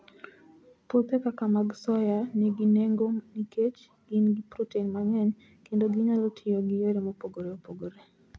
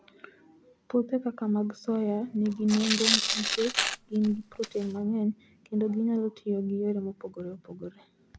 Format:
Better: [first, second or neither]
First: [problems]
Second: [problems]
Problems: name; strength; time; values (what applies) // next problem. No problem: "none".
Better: first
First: none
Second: background sound (Tearing); 1 dB below the speech